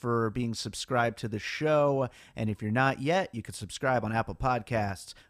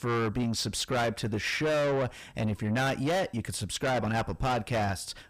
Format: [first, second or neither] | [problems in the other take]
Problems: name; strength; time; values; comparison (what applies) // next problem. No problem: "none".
first | distortion; heavy; 6 dB below the speech